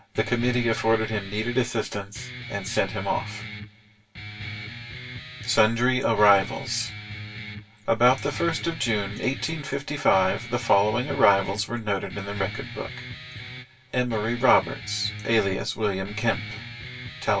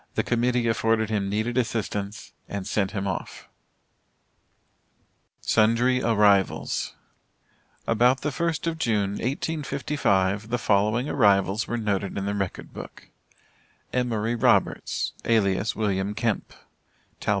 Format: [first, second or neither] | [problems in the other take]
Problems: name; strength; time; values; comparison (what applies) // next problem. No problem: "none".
second | background sound (Guitar); 12 dB below the speech // room echo; dies away in 0.1 s